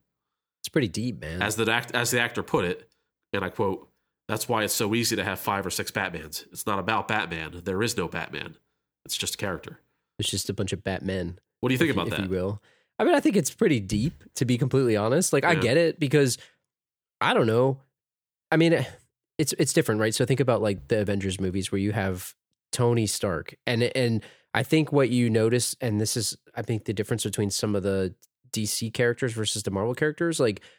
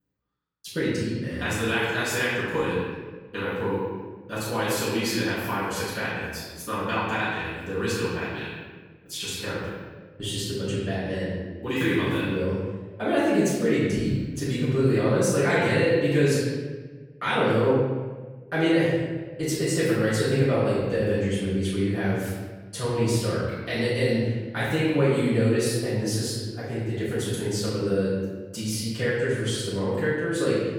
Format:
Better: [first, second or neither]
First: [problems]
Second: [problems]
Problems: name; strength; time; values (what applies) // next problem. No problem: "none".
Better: first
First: none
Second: room echo; strong; dies away in 1.3 s // off-mic speech; far